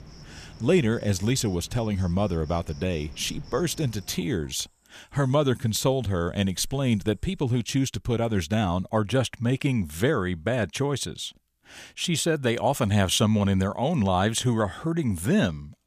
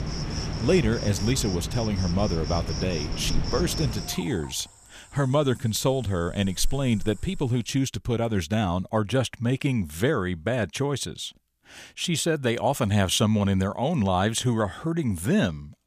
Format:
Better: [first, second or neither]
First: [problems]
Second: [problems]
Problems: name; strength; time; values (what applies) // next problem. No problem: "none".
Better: first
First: animal sounds; faint; until 7.5 s; 20 dB below the speech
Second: animal sounds; loud; until 7.5 s; 6 dB below the speech